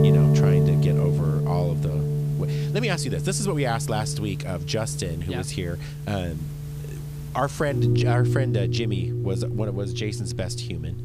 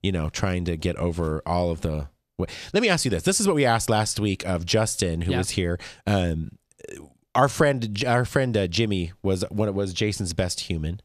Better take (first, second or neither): second